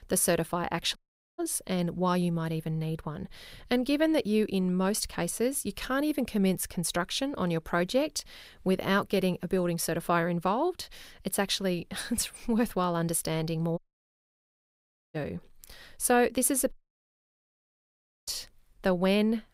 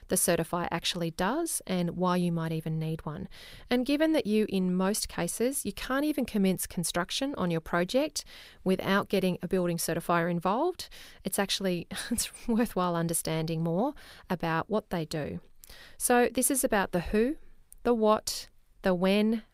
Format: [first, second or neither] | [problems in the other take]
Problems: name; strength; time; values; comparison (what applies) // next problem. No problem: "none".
second | audio cutting out; at 1 s, at 14 s for 1.5 s and at 17 s for 1.5 s